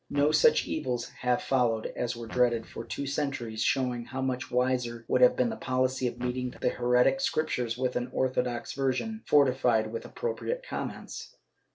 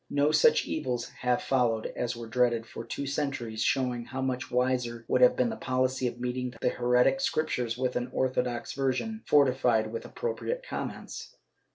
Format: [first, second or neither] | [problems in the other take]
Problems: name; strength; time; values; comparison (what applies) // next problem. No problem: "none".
second | background sound (Fart); 18 dB below the speech